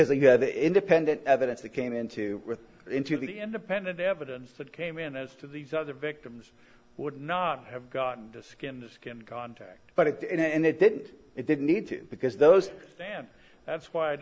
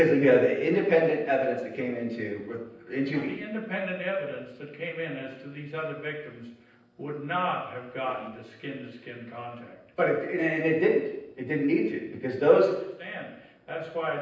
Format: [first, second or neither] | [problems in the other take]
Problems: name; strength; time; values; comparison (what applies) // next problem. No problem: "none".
first | noise reduction (neural separator model SepFormer DNS4)